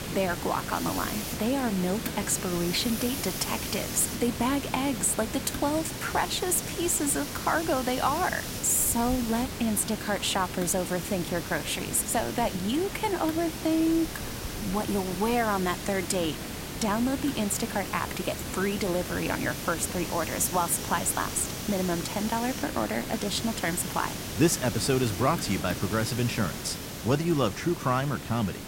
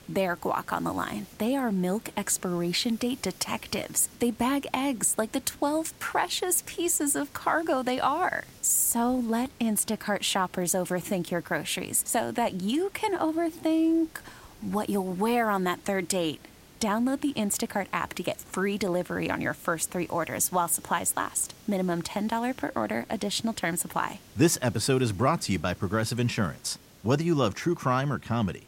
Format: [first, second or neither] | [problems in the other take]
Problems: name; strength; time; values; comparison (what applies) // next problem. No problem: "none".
second | hiss; loud; throughout; 6 dB below the speech; faint in the second